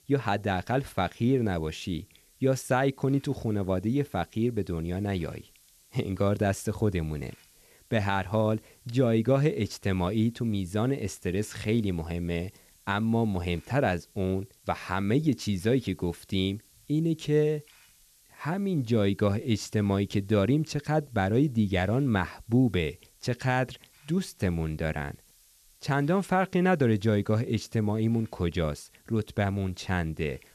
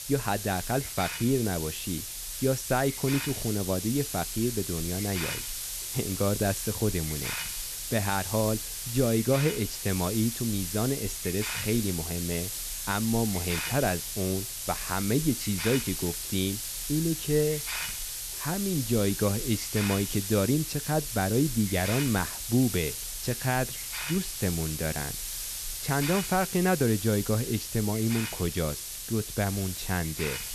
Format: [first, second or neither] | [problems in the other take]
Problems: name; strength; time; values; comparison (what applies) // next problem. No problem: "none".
first | hiss; loud; throughout; 4 dB below the speech; faint in the first